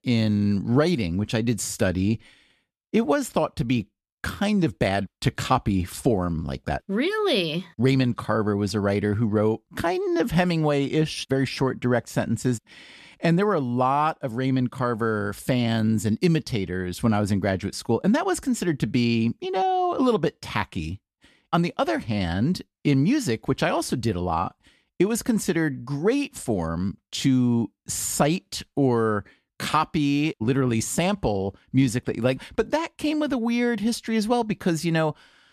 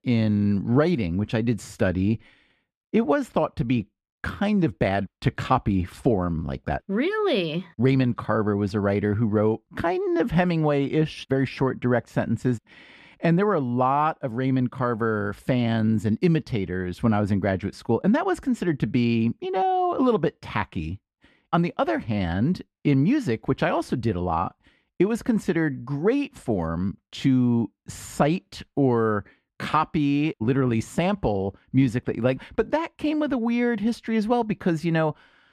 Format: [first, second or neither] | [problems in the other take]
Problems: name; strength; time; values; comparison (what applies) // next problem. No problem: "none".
first | muffled; slightly; fading above 4 kHz